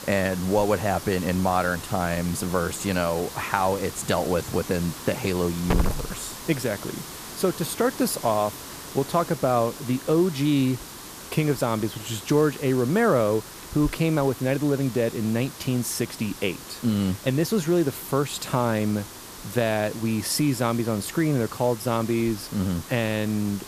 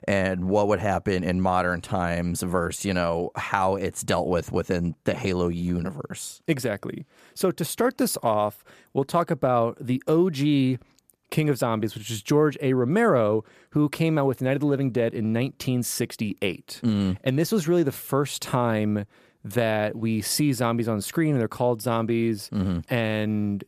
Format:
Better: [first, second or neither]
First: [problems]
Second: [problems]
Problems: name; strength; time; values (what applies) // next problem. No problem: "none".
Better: second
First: hiss; noticeable; throughout; 10 dB below the speech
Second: none